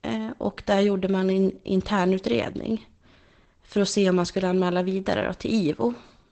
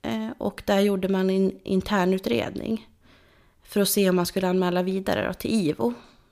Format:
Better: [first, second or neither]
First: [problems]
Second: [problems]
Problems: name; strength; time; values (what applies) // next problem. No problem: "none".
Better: second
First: garbled, watery; badly; nothing above 8 kHz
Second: none